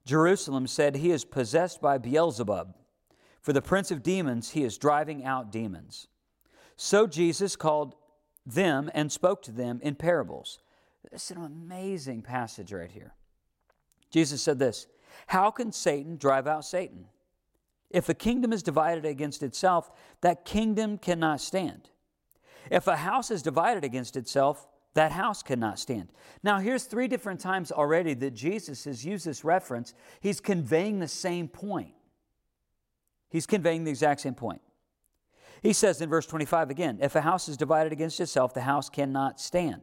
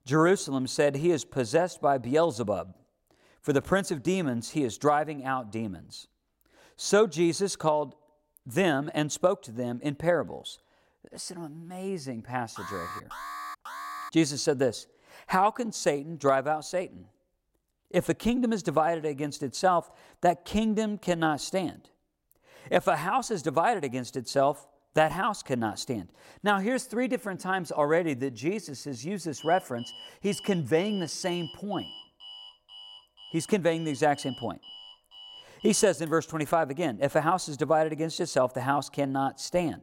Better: first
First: none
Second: alarm; noticeable; from 13 to 14 s; peak 9 dB below the speech // alarm; faint; from 29 to 36 s; peak 15 dB below the speech

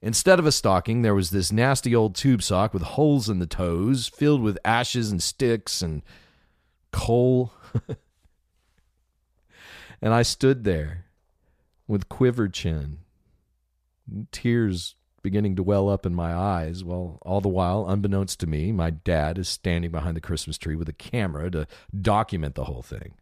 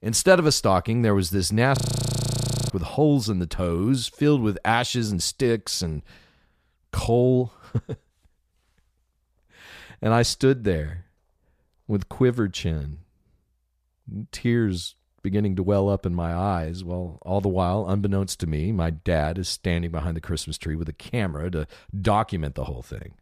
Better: first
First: none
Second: audio freezing; at 2 s for 1 s

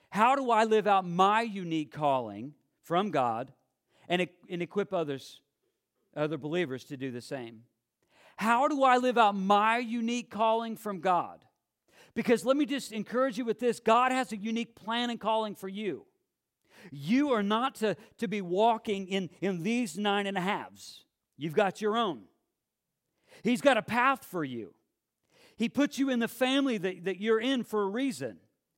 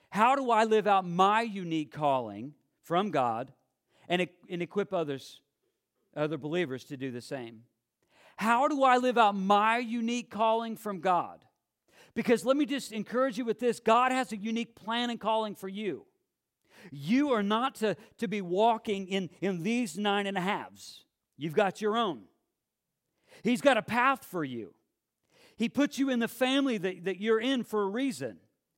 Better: neither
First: none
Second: none

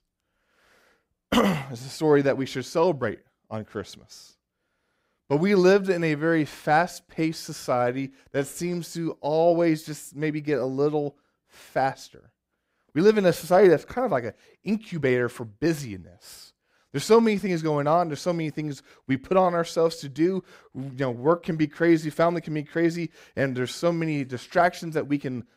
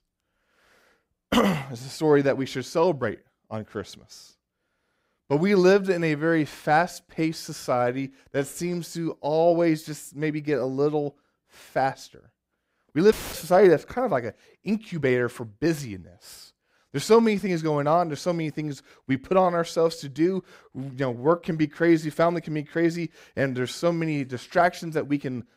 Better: first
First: none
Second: audio cutting out; filled with static; at 13 s

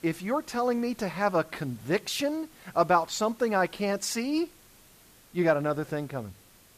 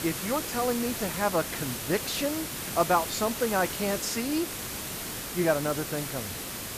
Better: first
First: hiss; faint; throughout; 25 dB below the speech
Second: hiss; loud; throughout; 4 dB below the speech

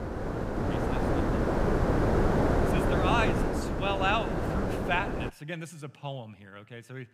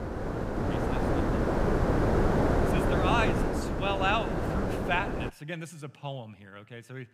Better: neither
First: wind noise on the microphone; heavy; until 5.5 s; as loud as the speech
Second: wind noise on the microphone; heavy; until 5.5 s; as loud as the speech

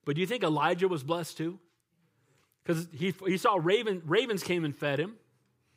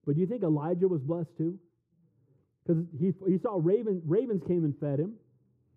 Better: first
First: none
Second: muffled; very; fading above 1 kHz

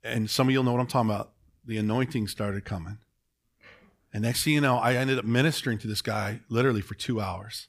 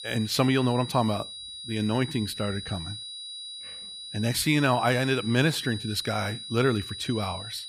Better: first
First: none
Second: high-pitched whine; noticeable; throughout; 4 kHz, 10 dB below the speech

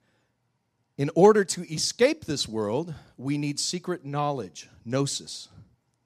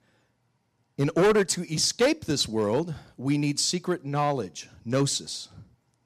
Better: first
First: none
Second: distortion; heavy; 4% of the sound clipped

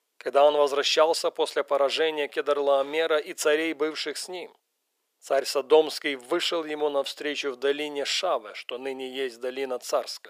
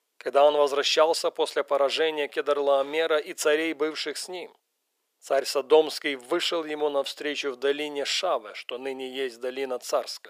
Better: neither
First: thin; very; fading below 400 Hz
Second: thin; very; fading below 400 Hz

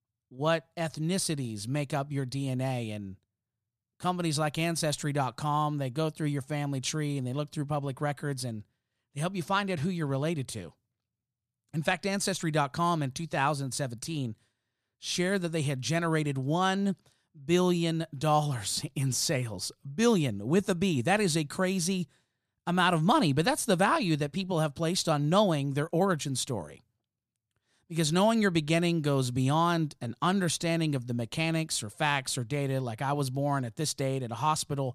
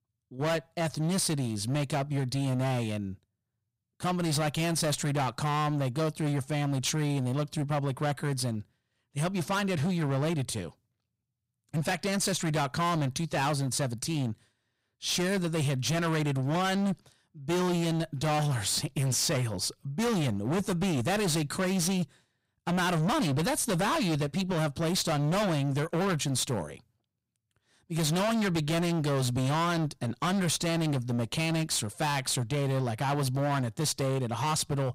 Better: first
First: none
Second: distortion; heavy; 24% of the sound clipped

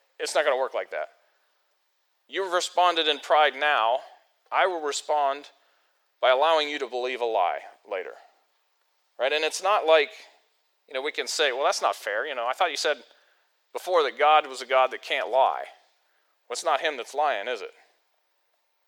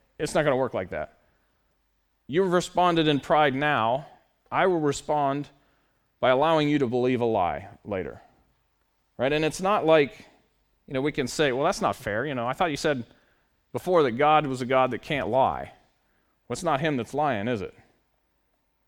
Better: second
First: thin; very; fading below 500 Hz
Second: none

